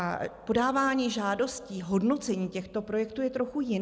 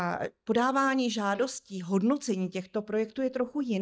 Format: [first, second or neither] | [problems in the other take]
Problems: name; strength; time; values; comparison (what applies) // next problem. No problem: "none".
first | noise reduction (neural mask model DeepFilterNet 3)